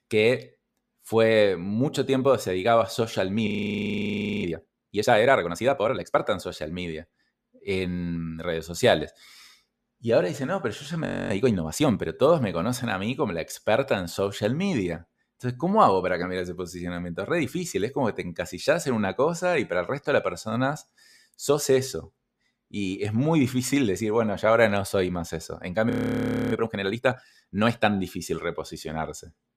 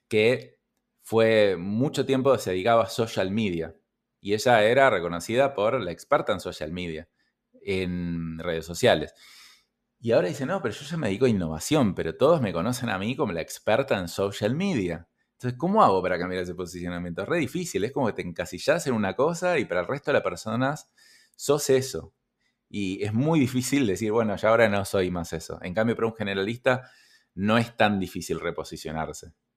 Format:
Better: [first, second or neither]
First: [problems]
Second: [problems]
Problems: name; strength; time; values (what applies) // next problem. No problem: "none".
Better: second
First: audio freezing; at 3.5 s for 1 s, at 11 s and at 26 s for 0.5 s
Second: none